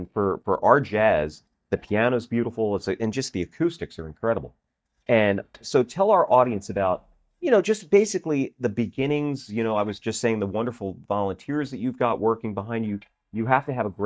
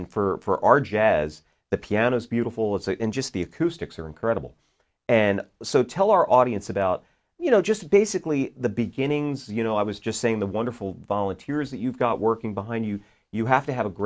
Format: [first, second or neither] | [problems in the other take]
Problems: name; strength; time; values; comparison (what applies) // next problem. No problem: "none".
second | noise reduction (neural mask model DeepFilterNet 3)